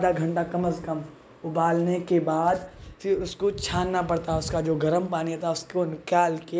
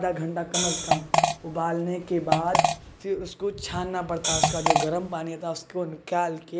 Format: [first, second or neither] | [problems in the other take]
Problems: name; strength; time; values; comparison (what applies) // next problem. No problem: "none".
first | background sound (Hi-hat + Fart); 4 dB above the speech